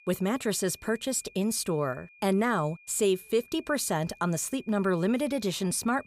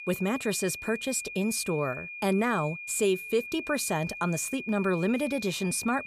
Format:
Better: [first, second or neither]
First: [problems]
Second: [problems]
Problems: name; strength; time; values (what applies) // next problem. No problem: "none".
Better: first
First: high-pitched whine; faint; throughout; 2.5 kHz, 25 dB below the speech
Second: high-pitched whine; loud; throughout; 2.5 kHz, 9 dB below the speech